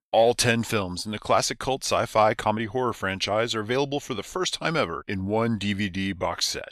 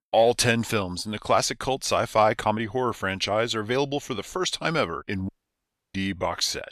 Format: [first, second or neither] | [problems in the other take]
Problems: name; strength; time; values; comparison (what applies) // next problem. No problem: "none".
first | audio cutting out; at 5.5 s for 0.5 s